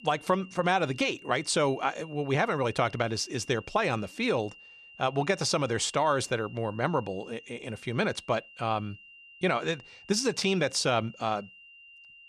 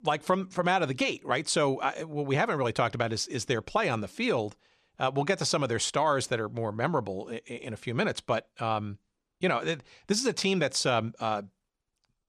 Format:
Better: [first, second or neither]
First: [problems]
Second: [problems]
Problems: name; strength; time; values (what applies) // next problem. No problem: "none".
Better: second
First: high-pitched whine; faint; throughout; 3 kHz, 20 dB below the speech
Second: none